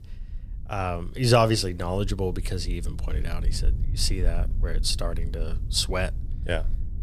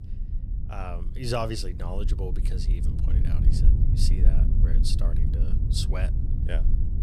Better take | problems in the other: first | low rumble; loud; throughout; 7 dB below the speech; faint in the first

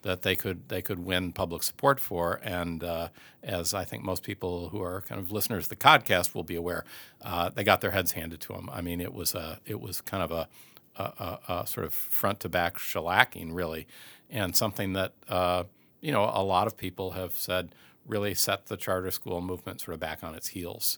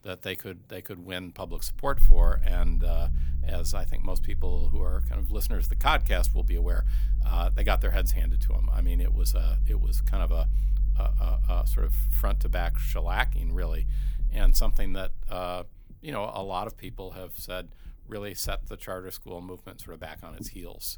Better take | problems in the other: first | low rumble; noticeable; throughout; 15 dB below the speech

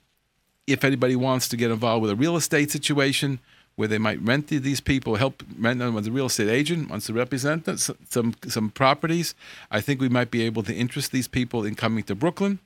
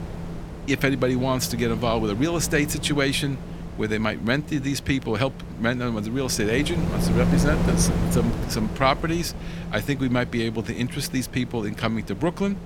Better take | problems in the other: first | wind noise on the microphone; occasional gusts; 10 dB below the speech

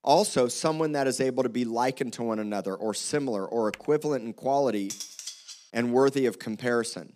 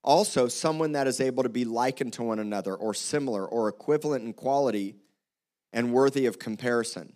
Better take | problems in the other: second | keyboard typing; very faint; at 3.5 s; peak 15 dB below the speech // clattering dishes; noticeable; at 5 s; peak 9 dB below the speech

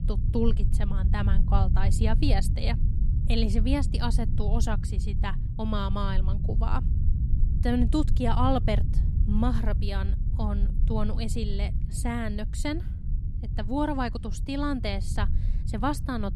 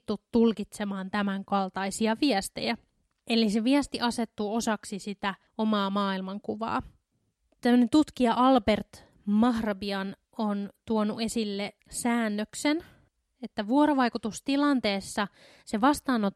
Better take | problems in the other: second | low rumble; noticeable; throughout; 10 dB below the speech

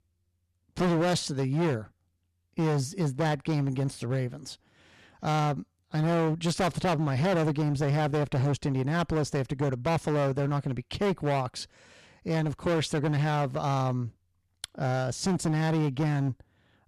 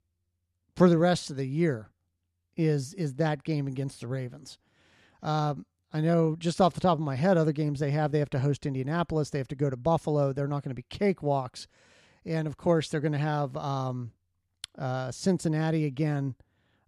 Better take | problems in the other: second | distortion; heavy; 17% of the sound clipped

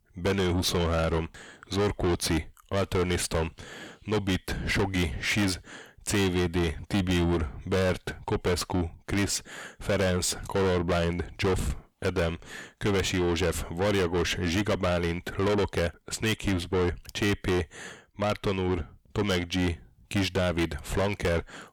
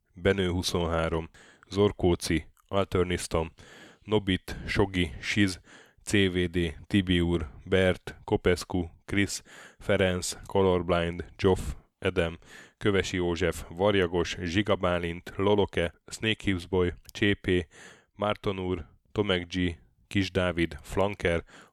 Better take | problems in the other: second | distortion; heavy; 6 dB below the speech

